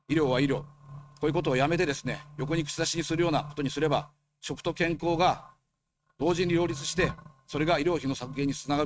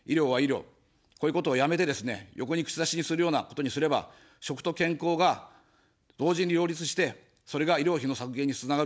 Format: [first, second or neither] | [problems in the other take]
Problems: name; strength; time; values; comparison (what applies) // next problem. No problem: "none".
second | noise reduction (neural mask model RNNoise)